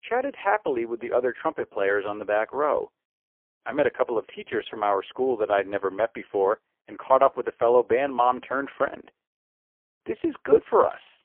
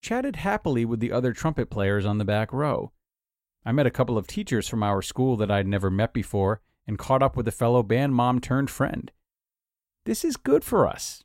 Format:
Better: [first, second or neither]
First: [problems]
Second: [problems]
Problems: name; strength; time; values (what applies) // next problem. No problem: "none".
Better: second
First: phone-call audio; poor line; nothing above 3.5 kHz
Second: none